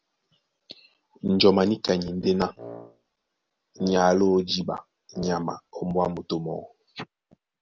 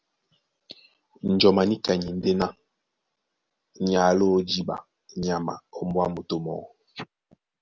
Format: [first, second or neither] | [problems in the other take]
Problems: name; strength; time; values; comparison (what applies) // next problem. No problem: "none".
second | background sound (Wind instrument, woodwind instrument); 17 dB below the speech